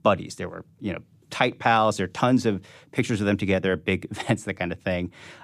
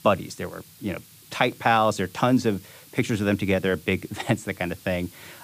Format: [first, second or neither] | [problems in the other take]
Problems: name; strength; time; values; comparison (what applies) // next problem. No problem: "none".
first | hiss; faint; throughout; 25 dB below the speech